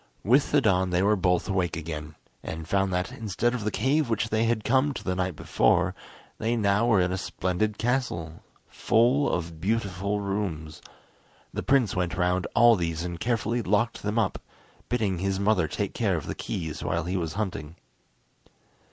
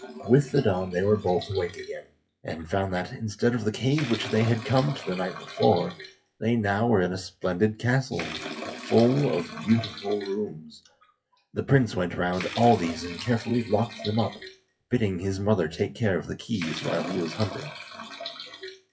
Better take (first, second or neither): first